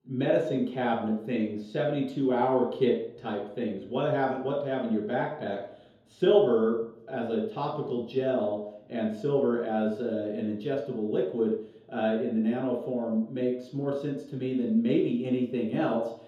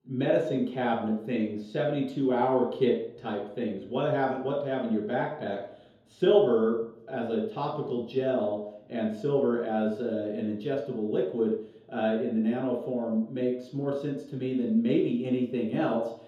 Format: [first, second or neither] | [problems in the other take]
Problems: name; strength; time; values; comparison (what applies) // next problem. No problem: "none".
neither | room echo; noticeable; dies away in 1.6 s; the same in both // off-mic speech; far; the same in both